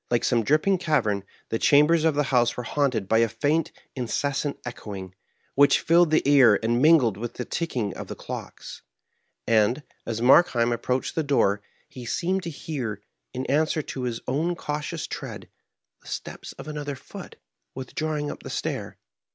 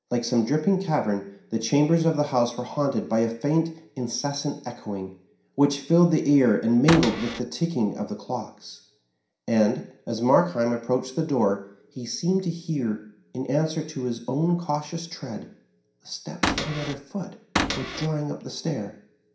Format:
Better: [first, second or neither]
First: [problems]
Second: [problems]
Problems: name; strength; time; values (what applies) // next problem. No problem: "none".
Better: first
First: none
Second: background sound (Cupboard open or close / Door); 3 dB below the speech // room echo; dies away in 0.5 s